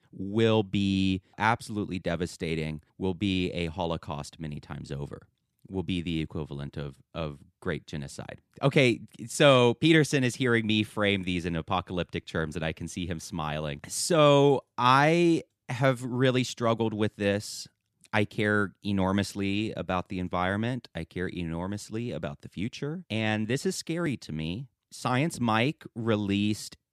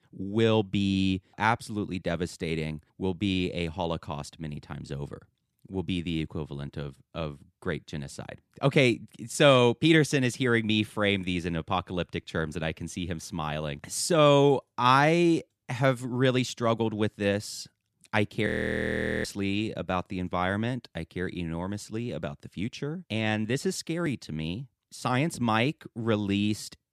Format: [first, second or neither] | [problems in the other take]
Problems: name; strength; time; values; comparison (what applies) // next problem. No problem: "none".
first | audio freezing; at 18 s for 1 s